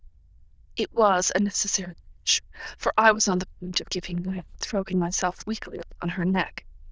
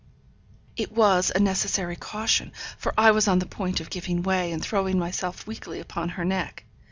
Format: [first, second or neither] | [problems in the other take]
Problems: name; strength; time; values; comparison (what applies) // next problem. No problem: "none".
second | noise reduction (neural diffusion model UNIVERSE++)